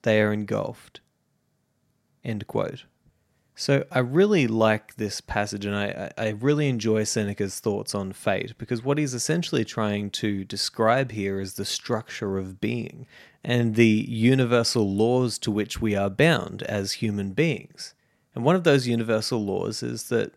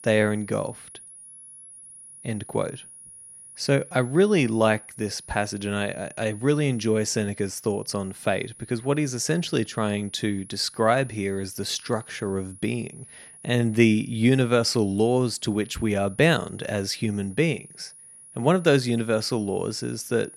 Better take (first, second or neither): first